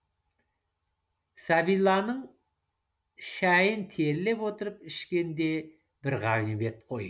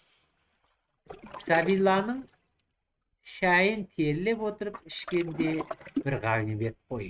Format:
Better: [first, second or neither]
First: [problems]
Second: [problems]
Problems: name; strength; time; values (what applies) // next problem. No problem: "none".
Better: first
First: none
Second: noise reduction (neural mask model RNNoise)